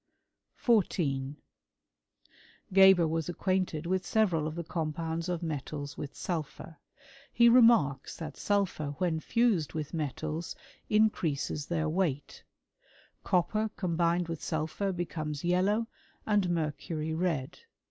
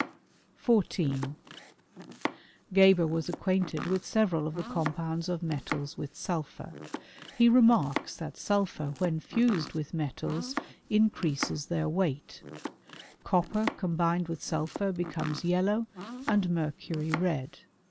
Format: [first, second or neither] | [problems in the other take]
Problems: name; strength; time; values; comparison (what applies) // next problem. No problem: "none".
first | background sound (Domestic sounds, home sounds); 12 dB below the speech